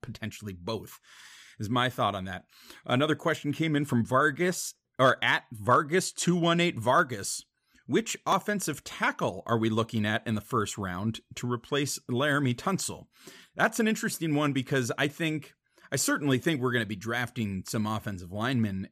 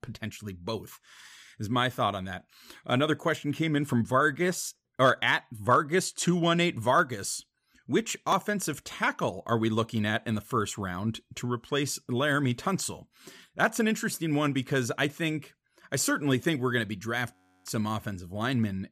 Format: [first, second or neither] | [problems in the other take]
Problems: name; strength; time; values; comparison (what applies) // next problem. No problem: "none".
first | audio freezing; at 17 s